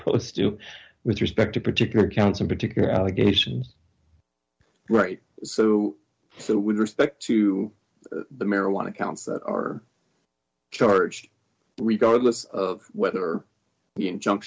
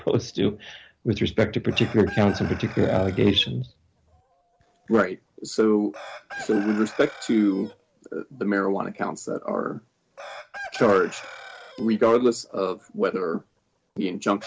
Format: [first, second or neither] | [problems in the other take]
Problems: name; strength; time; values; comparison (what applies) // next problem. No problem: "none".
first | background sound (Chicken, rooster); 18 dB below the speech